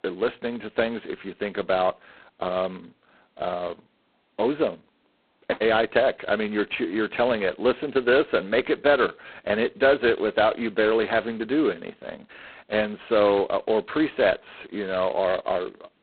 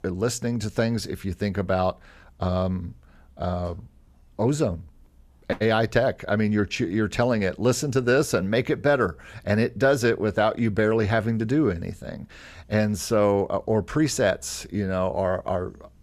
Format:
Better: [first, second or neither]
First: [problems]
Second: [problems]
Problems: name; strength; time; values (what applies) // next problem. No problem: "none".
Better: second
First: phone-call audio; poor line; nothing above 4 kHz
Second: none